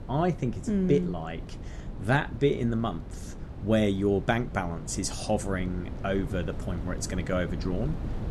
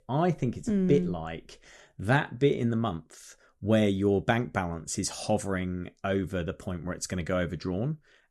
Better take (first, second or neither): second